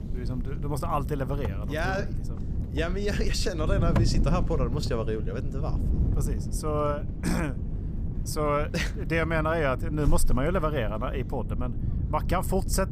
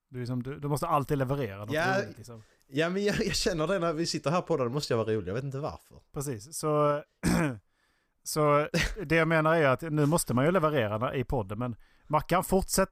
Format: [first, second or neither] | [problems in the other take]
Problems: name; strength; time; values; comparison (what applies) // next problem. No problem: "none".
second | wind noise on the microphone; occasional gusts; 10 dB below the speech